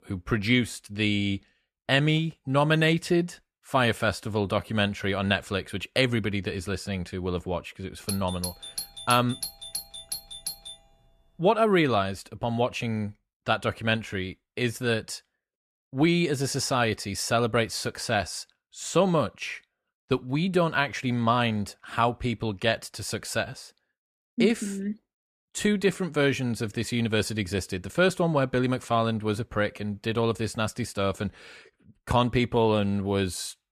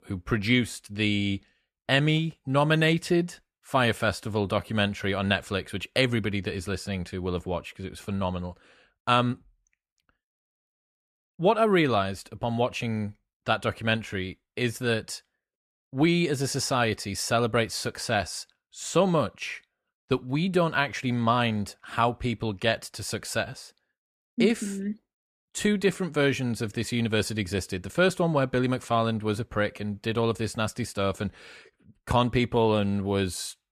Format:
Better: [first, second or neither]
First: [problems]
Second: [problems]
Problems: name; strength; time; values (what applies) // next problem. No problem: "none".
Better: second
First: doorbell; noticeable; from 8 to 11 s; peak 6 dB below the speech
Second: none